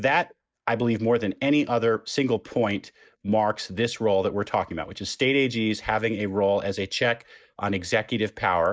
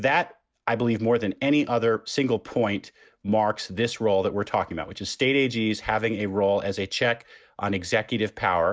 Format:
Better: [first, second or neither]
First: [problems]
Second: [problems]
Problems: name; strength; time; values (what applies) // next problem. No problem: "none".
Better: second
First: noise reduction (neural mask model Resemble Enhance denoiser)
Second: none